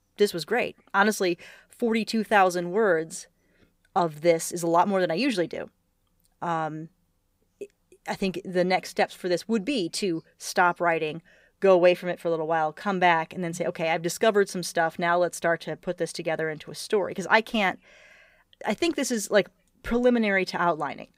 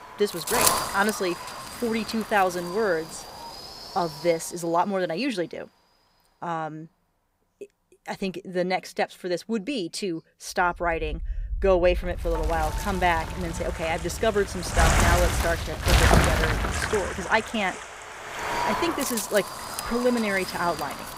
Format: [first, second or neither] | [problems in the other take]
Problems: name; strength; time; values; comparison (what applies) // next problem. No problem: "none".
first | wind noise on the microphone; heavy; 2 dB below the speech